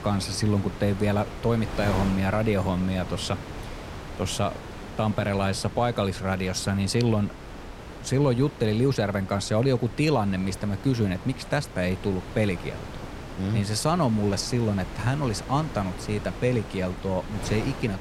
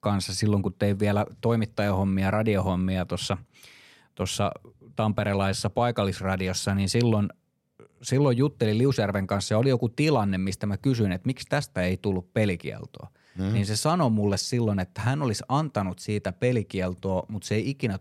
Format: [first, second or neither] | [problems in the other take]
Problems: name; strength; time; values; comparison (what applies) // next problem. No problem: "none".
second | wind noise on the microphone; occasional gusts; 10 dB below the speech